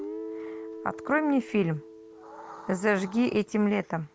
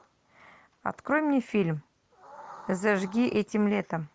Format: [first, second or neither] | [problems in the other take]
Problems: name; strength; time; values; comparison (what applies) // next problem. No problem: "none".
second | background sound (Guitar); 14 dB below the speech